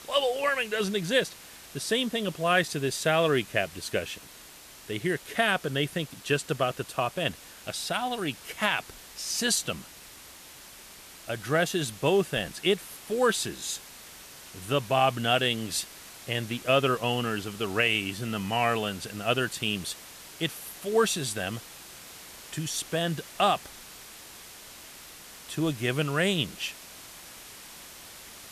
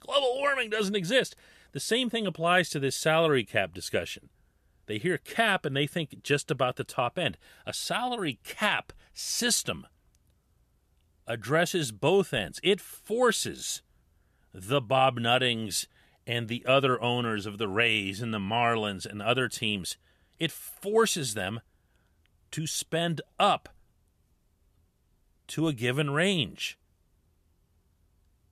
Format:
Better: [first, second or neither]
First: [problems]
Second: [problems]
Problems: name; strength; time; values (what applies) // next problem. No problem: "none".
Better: second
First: hiss; noticeable; throughout; 15 dB below the speech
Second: none